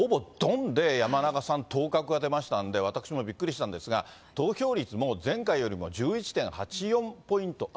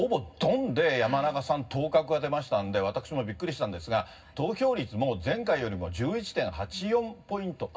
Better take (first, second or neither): first